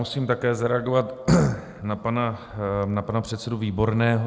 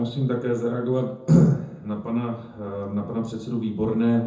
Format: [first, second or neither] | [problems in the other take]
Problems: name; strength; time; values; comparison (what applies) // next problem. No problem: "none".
first | room echo; dies away in 0.6 s